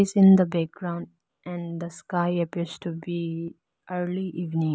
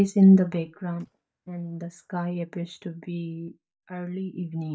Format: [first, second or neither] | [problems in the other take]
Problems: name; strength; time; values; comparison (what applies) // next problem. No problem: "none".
first | noise reduction (neural mask model DeepFilterNet 3)